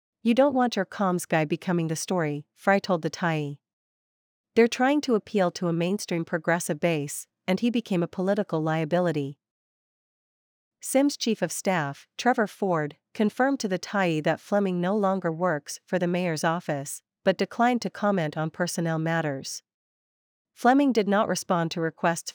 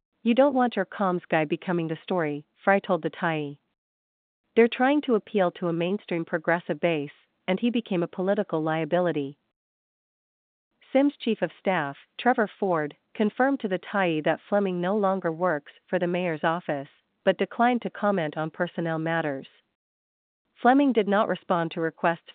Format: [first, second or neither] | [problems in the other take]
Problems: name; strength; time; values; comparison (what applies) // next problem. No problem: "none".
first | phone-call audio